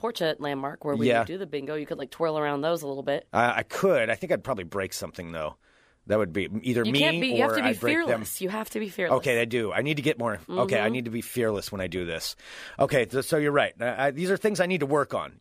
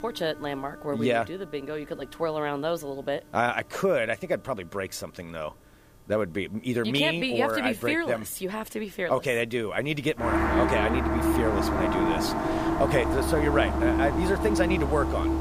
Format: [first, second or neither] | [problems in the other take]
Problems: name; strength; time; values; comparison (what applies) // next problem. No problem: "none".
first | background music; very loud; throughout; 2 dB above the speech